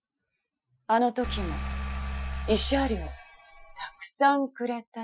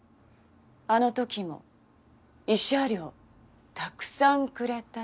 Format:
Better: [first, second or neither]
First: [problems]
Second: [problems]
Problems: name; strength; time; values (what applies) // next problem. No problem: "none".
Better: second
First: noise reduction (classical method Wiener filter)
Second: none